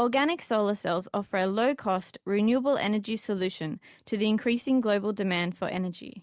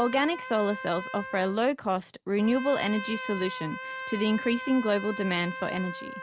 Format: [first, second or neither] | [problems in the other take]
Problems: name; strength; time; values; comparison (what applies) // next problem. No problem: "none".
first | background sound (Trumpet); 10 dB below the speech